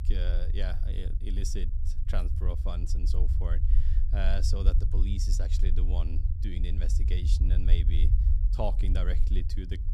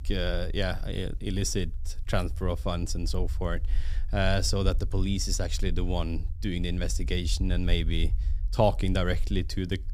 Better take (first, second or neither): second